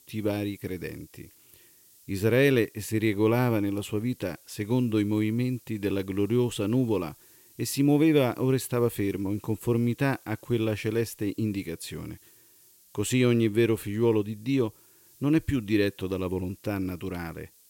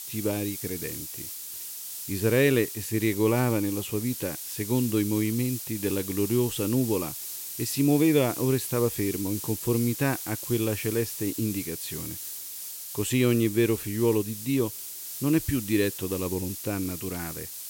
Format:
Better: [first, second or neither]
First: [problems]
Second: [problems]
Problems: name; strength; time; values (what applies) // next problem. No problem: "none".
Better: first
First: hiss; faint; throughout; 25 dB below the speech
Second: hiss; loud; throughout; 7 dB below the speech